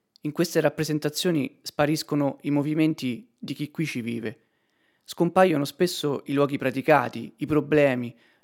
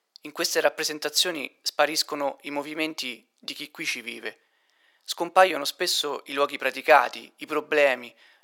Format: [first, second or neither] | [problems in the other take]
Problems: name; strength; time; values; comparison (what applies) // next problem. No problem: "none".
first | thin; very; fading below 700 Hz